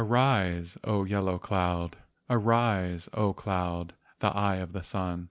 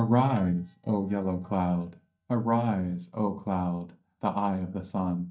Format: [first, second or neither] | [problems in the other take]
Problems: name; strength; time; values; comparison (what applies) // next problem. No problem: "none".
first | noise reduction (neural mask model DeepFilterNet 3)